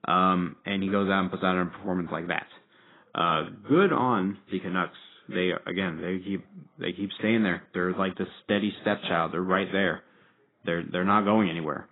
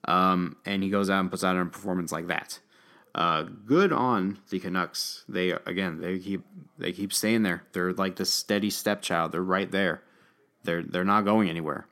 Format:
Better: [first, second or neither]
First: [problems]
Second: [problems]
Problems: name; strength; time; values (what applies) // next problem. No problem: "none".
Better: second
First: garbled, watery; badly; nothing above 3.5 kHz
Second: none